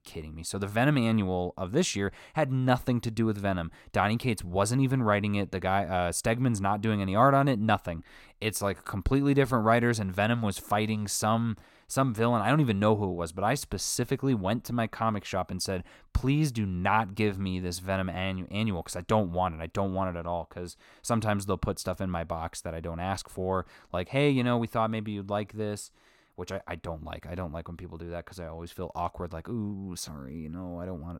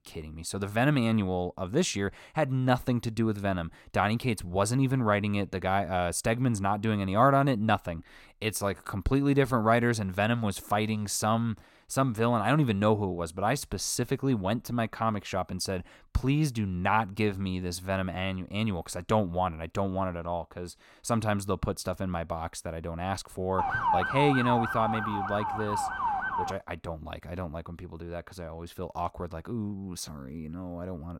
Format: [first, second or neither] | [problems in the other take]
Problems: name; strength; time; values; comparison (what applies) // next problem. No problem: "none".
first | siren; loud; from 24 to 27 s; peak 2 dB above the speech